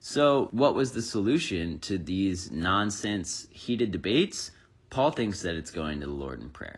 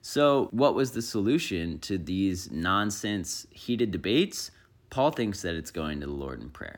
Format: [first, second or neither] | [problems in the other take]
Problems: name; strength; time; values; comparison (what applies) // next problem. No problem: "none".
second | garbled, watery; slightly; nothing above 10.5 kHz